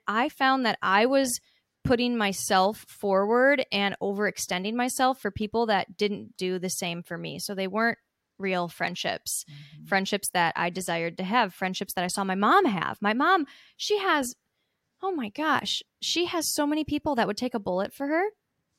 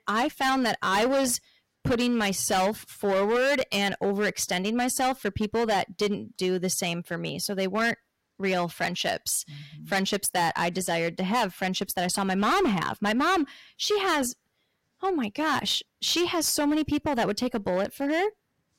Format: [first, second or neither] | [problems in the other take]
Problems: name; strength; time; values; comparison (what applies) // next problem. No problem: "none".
first | distortion; heavy; 12% of the sound clipped